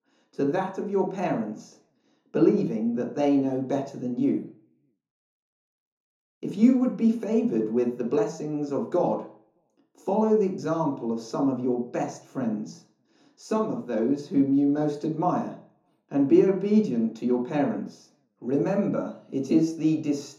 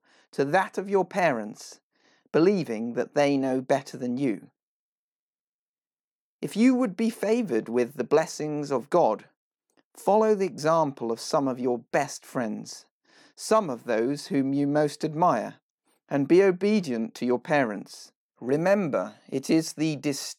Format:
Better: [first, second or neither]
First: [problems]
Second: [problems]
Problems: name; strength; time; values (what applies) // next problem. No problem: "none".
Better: second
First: room echo; slight; dies away in 0.5 s // off-mic speech; far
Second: none